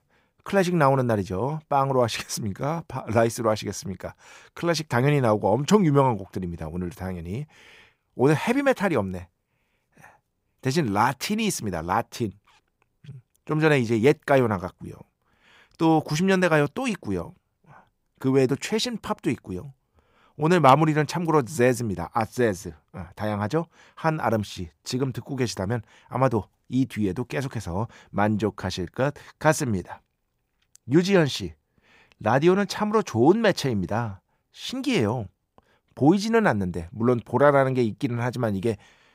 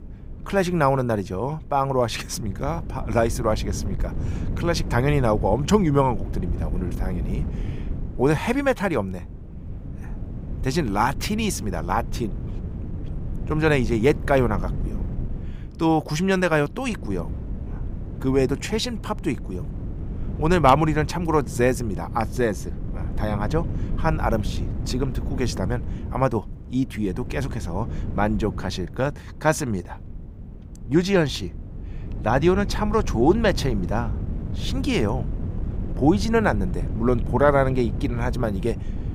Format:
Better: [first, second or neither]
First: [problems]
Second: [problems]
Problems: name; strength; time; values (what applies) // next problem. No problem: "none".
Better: first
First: none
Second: wind noise on the microphone; occasional gusts; 20 dB below the speech